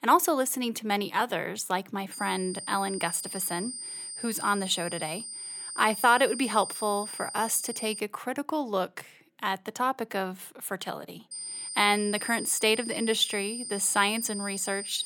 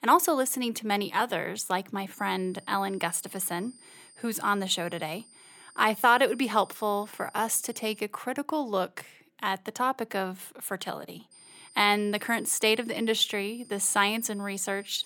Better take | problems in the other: second | high-pitched whine; loud; from 2 to 8 s and from 11 s on; 9 kHz, 8 dB below the speech; faint in the second

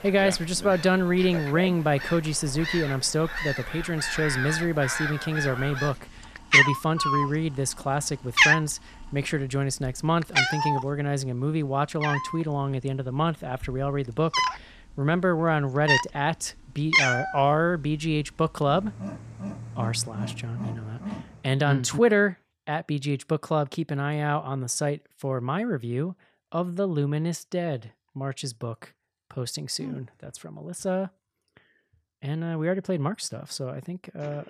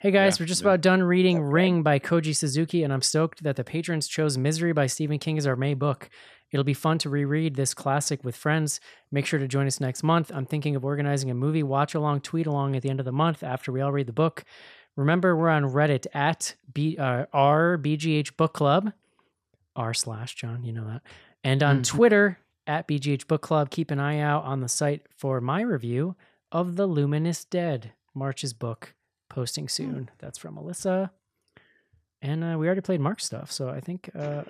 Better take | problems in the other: second | animal sounds; very loud; until 21 s; 1 dB above the speech

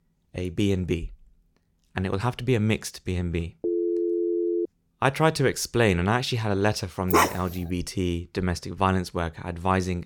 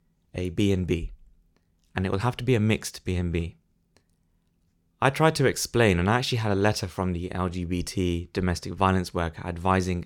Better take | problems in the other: second | phone ringing; loud; from 3.5 to 4.5 s; peak 1 dB above the speech // dog barking; loud; at 7 s; peak 4 dB above the speech

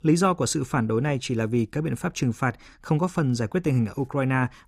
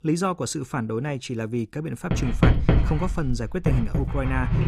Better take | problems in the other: first | household noises; very loud; from 2 s on; 3 dB above the speech

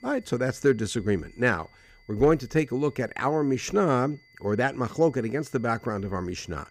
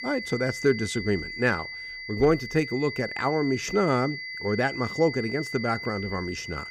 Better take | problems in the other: first | high-pitched whine; loud; throughout; 2 kHz, 8 dB below the speech; faint in the first

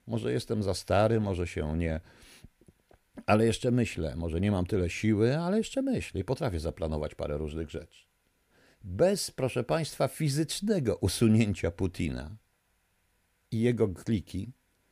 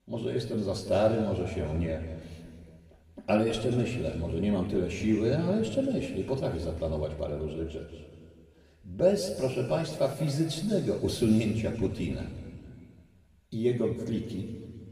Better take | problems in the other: first | room echo; noticeable; dies away in 1.9 s // off-mic speech; far

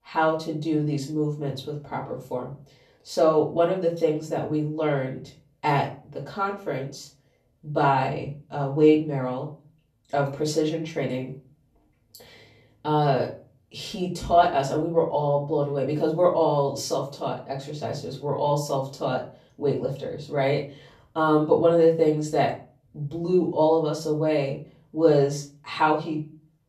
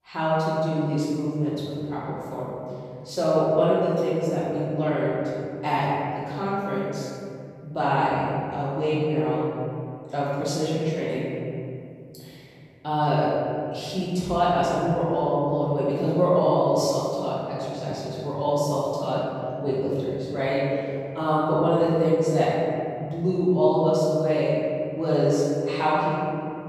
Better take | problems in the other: first | room echo; strong; dies away in 2.5 s; slight in the first // off-mic speech; far; far in the first

